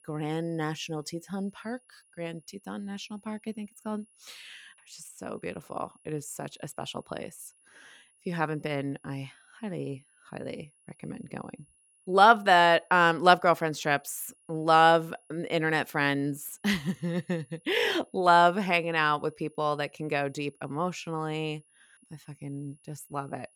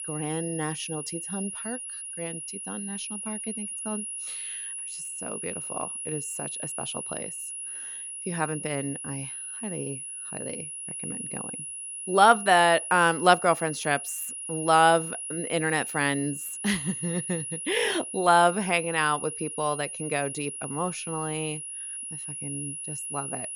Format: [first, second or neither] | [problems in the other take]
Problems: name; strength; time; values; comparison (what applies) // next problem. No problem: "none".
first | high-pitched whine; loud; throughout; 10.5 kHz, 7 dB below the speech; faint in the first